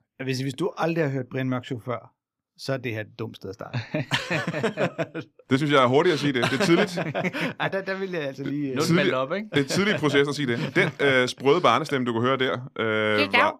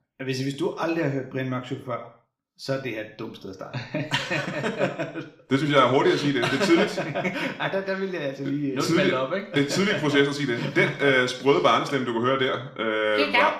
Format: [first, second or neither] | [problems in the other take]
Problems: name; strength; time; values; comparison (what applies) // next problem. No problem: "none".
first | room echo; slight; dies away in 0.5 s